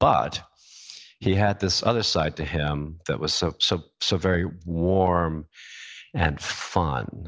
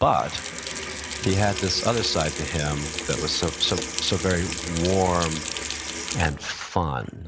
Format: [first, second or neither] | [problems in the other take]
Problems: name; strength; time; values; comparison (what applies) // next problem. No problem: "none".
first | background sound (Sink (filling or washing) / Water tap, faucet); 6 dB below the speech